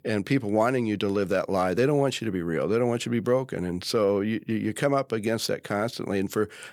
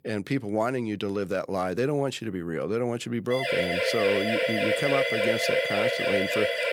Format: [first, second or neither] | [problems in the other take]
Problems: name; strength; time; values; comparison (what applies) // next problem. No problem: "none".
first | siren; loud; from 3.5 s on; peak 5 dB above the speech